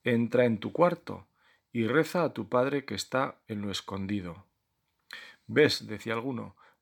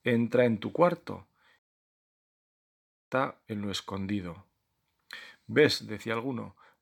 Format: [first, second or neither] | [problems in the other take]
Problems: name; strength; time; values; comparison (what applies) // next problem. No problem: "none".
first | audio cutting out; at 1.5 s for 1.5 s